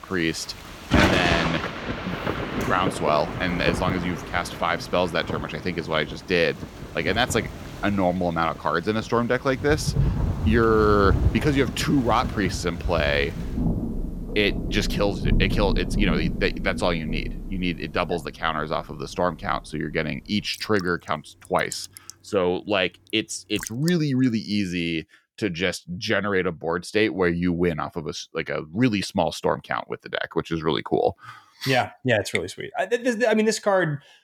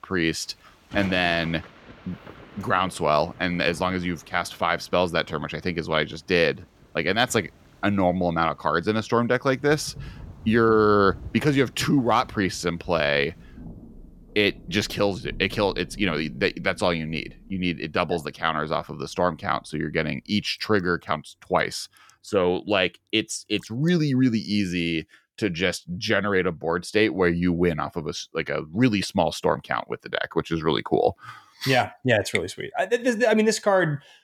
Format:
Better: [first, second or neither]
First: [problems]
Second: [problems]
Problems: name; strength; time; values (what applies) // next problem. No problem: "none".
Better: second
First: rain or running water; loud; until 25 s; 4 dB below the speech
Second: rain or running water; faint; until 25 s; 20 dB below the speech